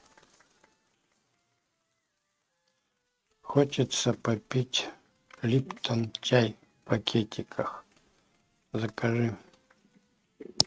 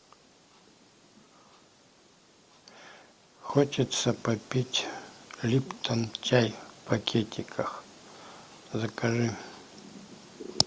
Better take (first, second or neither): second